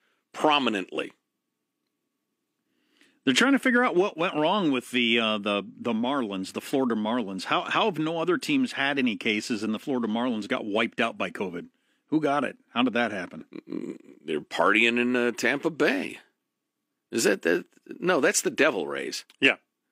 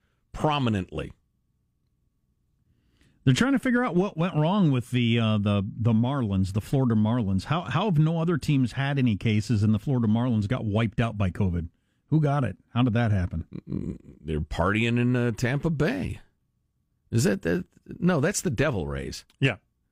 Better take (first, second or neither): second